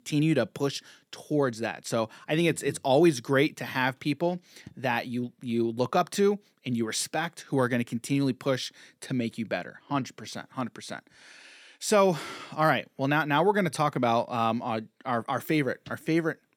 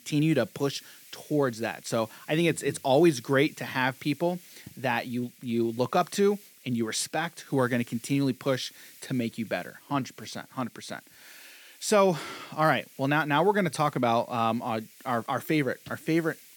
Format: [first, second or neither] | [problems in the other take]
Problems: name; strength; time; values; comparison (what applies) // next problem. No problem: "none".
first | hiss; faint; throughout; 25 dB below the speech